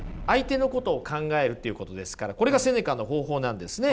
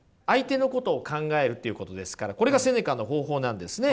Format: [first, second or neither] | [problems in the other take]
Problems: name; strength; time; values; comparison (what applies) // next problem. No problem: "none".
second | background sound (Explosion); 17 dB below the speech